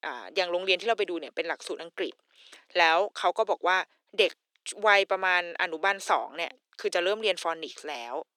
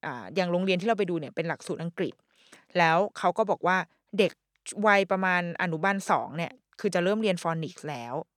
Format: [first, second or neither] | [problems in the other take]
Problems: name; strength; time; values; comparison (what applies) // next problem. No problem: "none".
second | thin; very; fading below 300 Hz